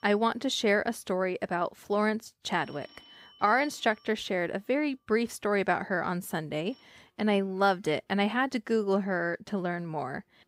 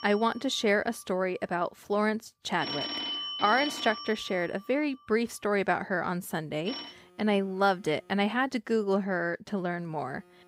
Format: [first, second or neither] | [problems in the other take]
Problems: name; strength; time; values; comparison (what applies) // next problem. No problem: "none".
first | alarms or sirens; loud; throughout; 6 dB below the speech; faint in the first